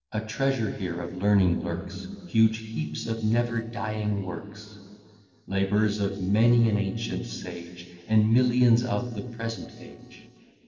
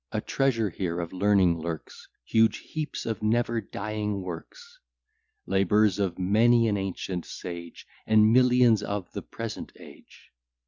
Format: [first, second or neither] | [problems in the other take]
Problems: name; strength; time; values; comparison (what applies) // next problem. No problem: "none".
second | noise reduction (neural separator model SepFormer DNS4)